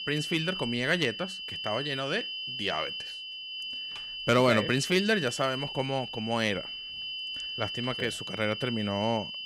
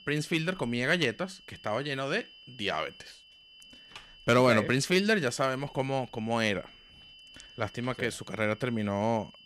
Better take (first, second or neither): second